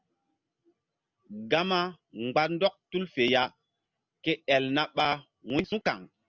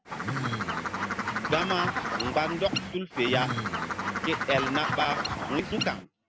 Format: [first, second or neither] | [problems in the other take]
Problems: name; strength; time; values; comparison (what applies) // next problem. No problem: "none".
first | background sound (Bird); as loud as the speech